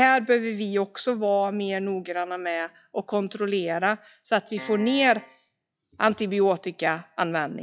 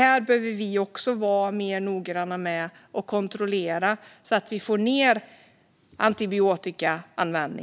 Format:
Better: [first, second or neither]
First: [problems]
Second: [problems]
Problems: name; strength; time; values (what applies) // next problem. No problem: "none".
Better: second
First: noise reduction (classical method log-MMSE)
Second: none